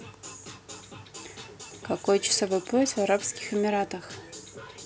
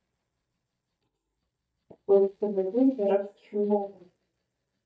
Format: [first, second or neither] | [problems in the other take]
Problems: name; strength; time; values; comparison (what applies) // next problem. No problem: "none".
first | noise reduction (neural mask model DeepFilterNet 3)